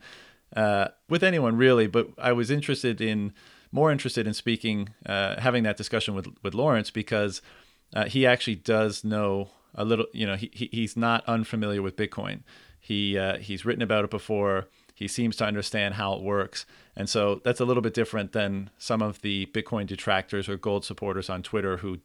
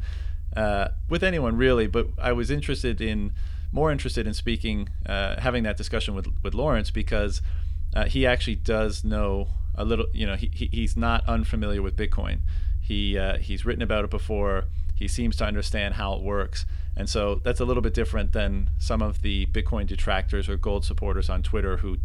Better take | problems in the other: first | low rumble; faint; throughout; 20 dB below the speech

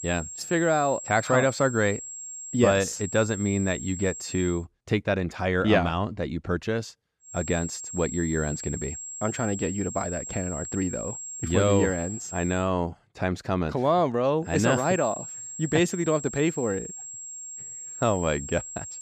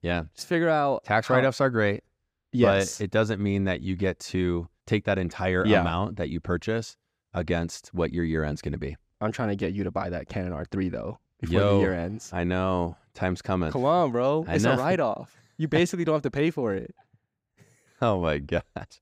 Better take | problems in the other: second | high-pitched whine; loud; until 4.5 s, from 7.5 to 13 s and from 15 s on; 7.5 kHz, 9 dB below the speech

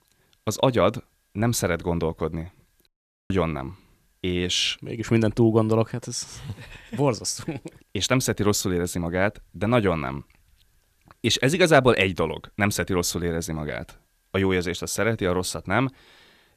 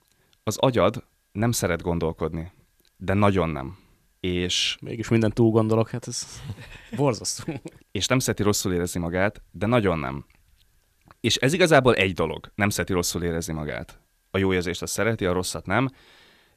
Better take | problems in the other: second | audio cutting out; at 3 s

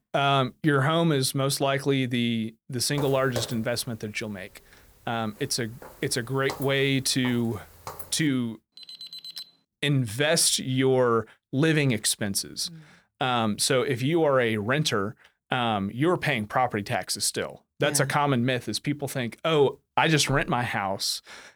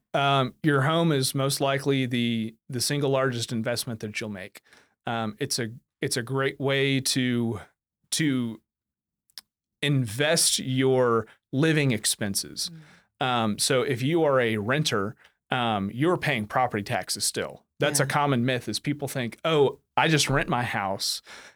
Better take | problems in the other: second | footsteps; faint; from 3 to 8 s; peak 10 dB below the speech // alarm; faint; at 9 s; peak 15 dB below the speech

